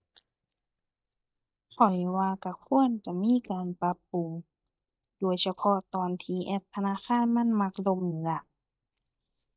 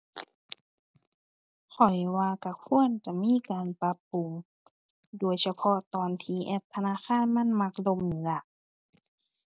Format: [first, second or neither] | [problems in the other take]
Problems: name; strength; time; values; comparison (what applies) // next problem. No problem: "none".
second | noise reduction (neural mask model DeepFilterNet 3)